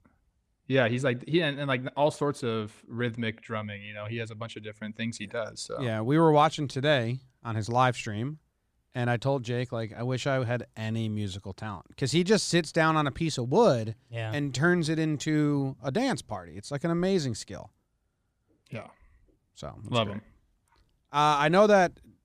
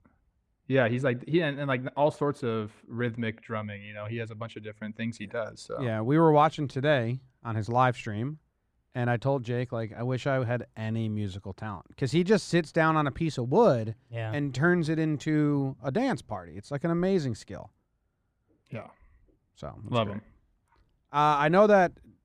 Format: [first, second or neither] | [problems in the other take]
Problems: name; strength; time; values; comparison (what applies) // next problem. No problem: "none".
first | muffled; slightly; fading above 3 kHz